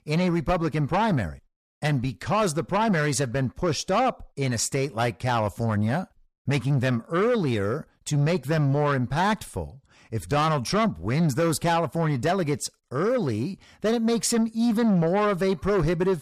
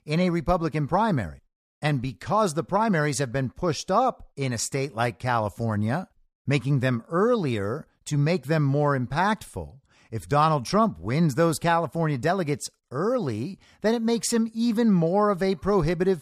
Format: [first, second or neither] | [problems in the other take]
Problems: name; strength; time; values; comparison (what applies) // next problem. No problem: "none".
second | distortion; slight; 10 dB below the speech